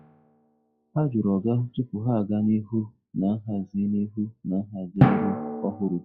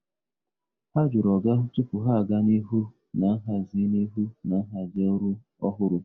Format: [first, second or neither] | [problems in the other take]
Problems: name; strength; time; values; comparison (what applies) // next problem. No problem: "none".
second | noise reduction (classical method log-MMSE)